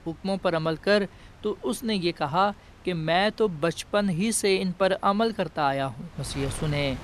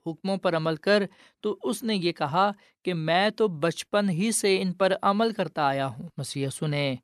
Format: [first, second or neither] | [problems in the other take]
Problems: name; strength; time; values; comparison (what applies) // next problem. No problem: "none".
second | wind noise on the microphone; occasional gusts; 20 dB below the speech